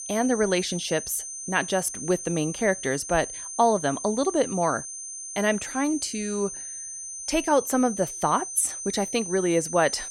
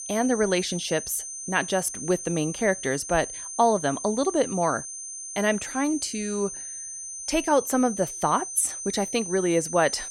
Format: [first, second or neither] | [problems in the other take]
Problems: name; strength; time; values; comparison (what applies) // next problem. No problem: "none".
neither | high-pitched whine; loud; throughout; 6 kHz, 8 dB below the speech; the same in both